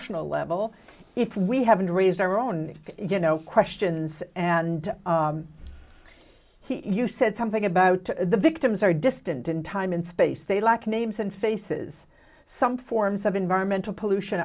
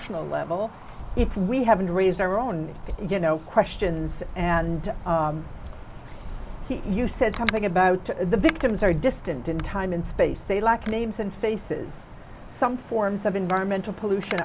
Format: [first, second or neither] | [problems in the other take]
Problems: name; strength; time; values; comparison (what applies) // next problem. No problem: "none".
first | background sound (Wind); 9 dB below the speech